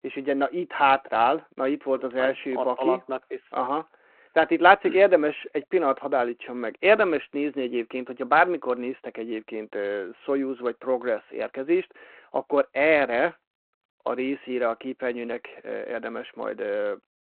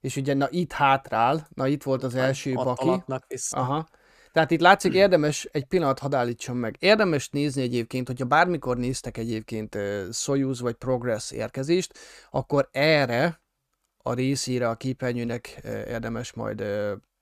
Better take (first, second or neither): second